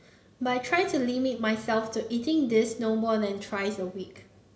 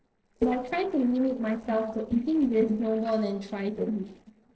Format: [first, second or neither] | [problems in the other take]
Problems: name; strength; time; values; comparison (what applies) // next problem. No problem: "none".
first | noise reduction (neural separator model SepFormer DNS4)